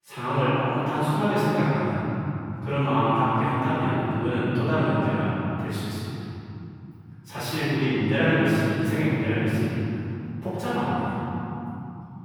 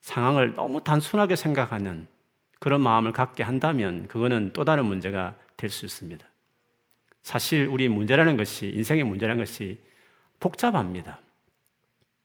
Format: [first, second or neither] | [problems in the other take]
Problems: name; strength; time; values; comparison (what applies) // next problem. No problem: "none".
second | off-mic speech; far // room echo; strong; dies away in 3 s